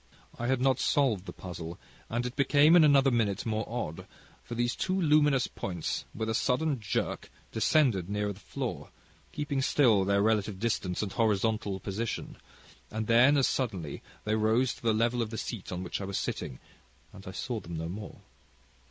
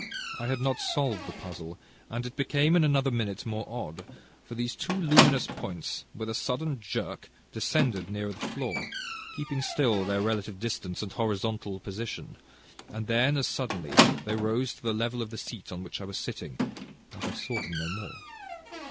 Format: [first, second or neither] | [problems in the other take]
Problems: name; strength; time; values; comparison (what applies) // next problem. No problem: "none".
first | background sound (Squeak); 3 dB below the speech